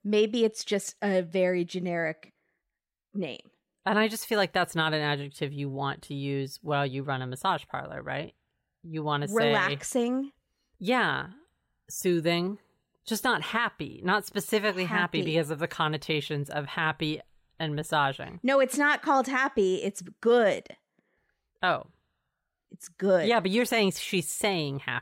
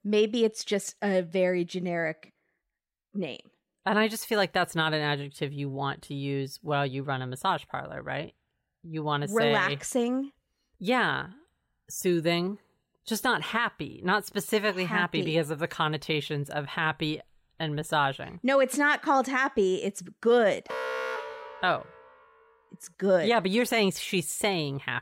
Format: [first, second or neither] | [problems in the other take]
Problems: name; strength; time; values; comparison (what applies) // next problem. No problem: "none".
first | alarm; noticeable; from 21 to 22 s; peak 4 dB below the speech